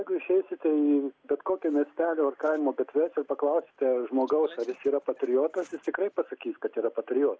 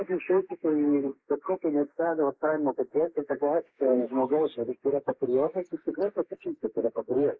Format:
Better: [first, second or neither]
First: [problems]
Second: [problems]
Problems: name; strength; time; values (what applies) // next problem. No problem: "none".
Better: first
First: none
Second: noise reduction (neural mask model Resemble Enhance denoiser)